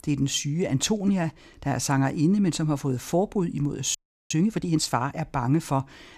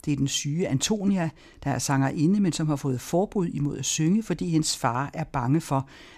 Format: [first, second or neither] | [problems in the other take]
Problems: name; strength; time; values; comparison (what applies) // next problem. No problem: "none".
second | audio freezing; at 4 s